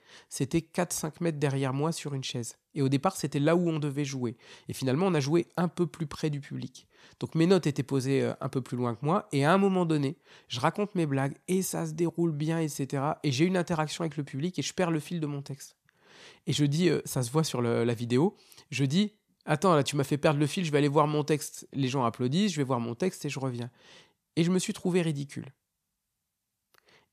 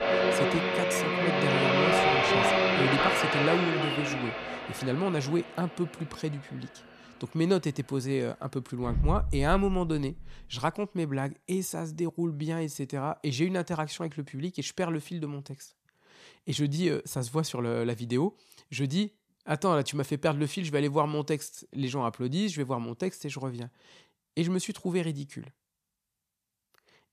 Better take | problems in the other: first | household noises; very loud; until 10 s; 5 dB above the speech

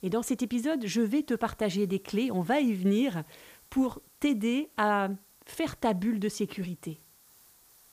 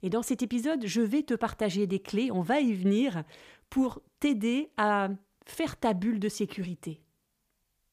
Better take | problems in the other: second | hiss; faint; throughout; 25 dB below the speech

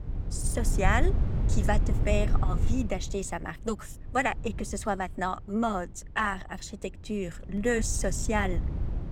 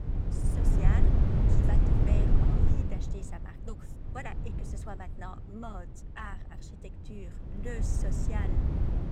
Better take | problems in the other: first | wind noise on the microphone; heavy; 4 dB above the speech; occasional gusts in the first

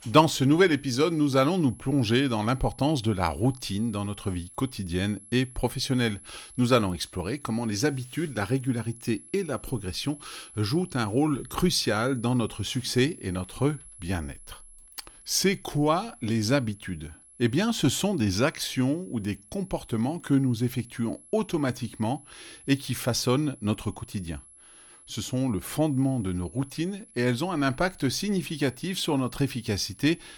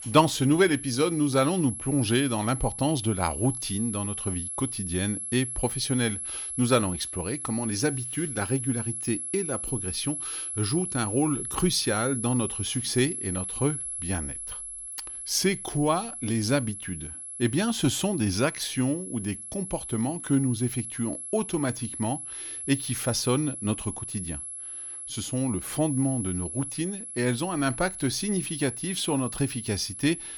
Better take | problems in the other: first | high-pitched whine; loud; throughout; 11 kHz, 5 dB below the speech; faint in the first

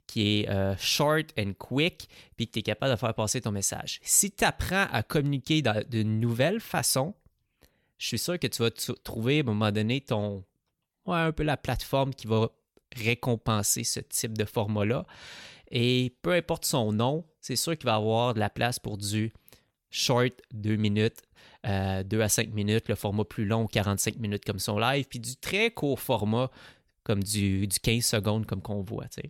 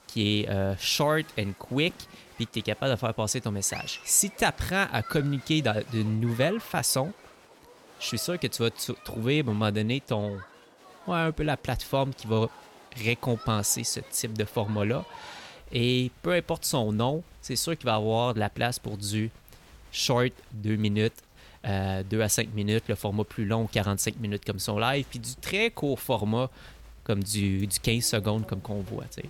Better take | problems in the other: first | crowd noise; faint; throughout; 20 dB below the speech

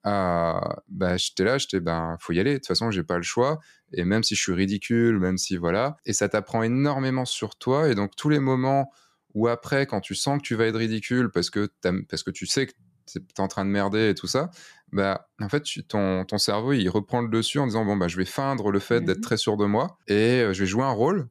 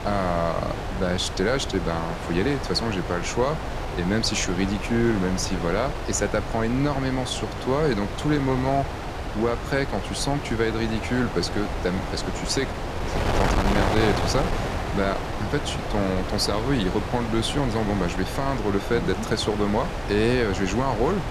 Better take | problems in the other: first | wind noise on the microphone; heavy; 4 dB below the speech

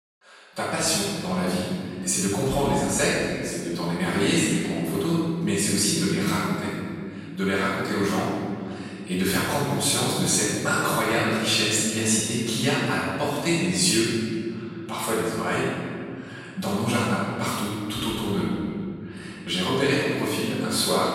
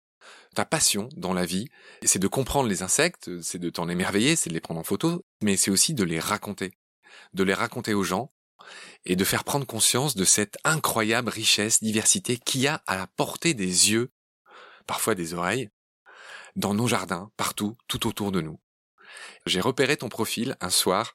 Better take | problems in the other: second | off-mic speech; far // room echo; strong; dies away in 2.3 s

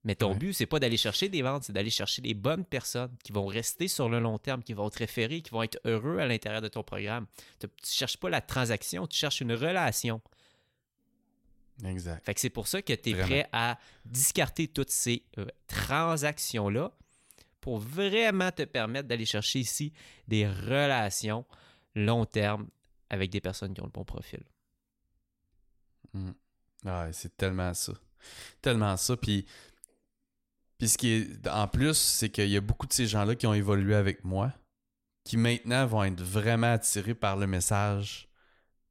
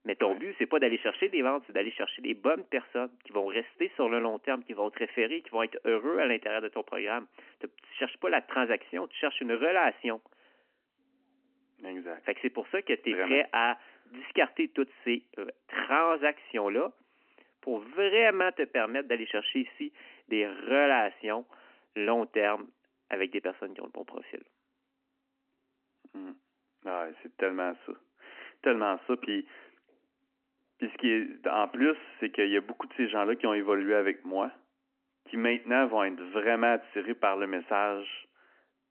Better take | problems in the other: first | phone-call audio; nothing above 3 kHz

